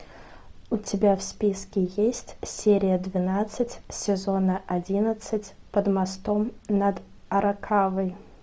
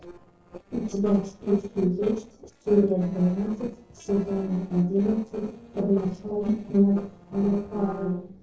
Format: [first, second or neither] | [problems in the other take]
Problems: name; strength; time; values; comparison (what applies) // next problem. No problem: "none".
first | noise reduction (neural separator model SepFormer DNS4)